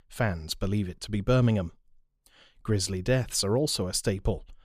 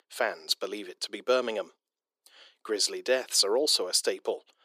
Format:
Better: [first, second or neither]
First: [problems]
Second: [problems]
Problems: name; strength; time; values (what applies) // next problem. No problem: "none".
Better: first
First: none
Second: thin; very; fading below 350 Hz